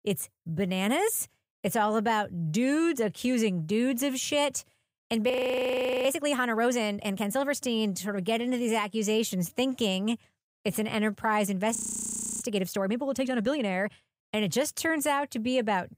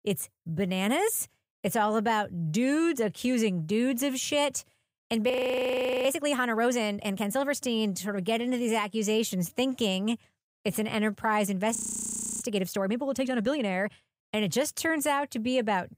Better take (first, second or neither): neither